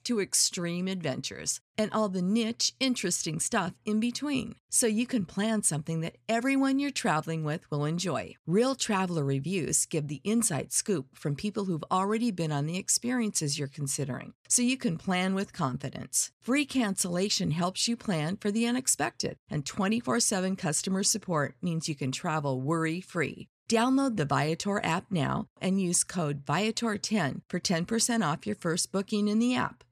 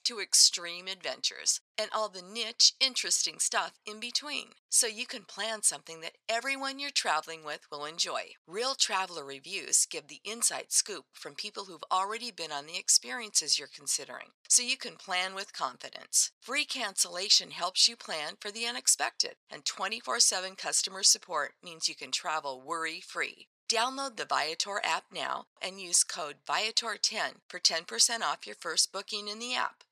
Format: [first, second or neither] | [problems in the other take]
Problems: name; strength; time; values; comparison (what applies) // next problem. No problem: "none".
first | thin; very; fading below 800 Hz